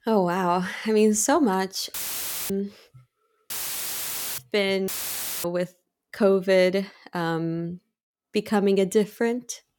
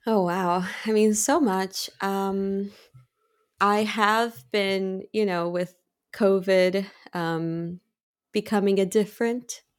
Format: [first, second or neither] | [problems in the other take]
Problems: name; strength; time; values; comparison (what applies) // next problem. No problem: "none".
second | audio cutting out; filled with static; at 2 s for 0.5 s, at 3.5 s for 1 s and at 5 s for 0.5 s